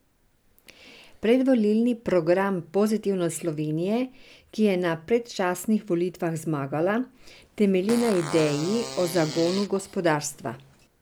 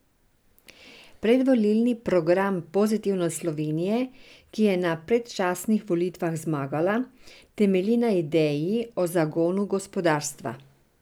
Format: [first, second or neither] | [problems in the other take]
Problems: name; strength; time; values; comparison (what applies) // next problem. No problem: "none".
second | background sound (Fart); 13 dB below the speech